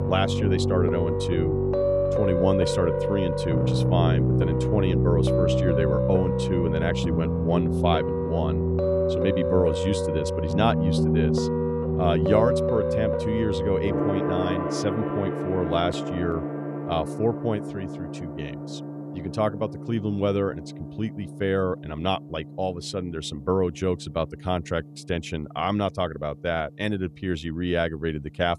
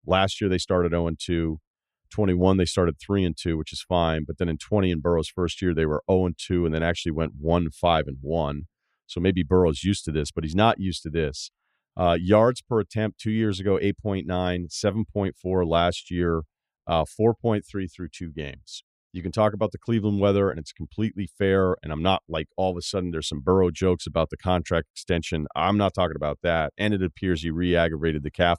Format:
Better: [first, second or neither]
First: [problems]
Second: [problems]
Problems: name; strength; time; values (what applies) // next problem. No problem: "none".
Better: second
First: background music; very loud; throughout; 2 dB above the speech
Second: none